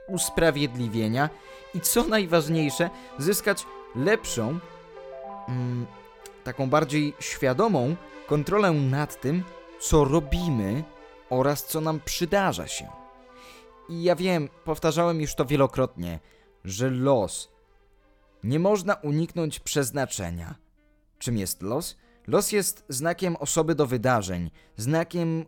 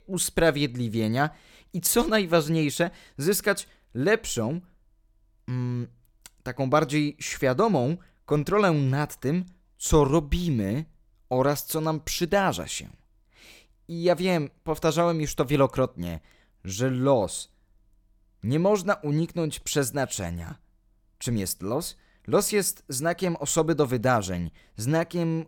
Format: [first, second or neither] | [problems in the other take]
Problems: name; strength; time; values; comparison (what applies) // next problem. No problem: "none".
second | background music; noticeable; throughout; 20 dB below the speech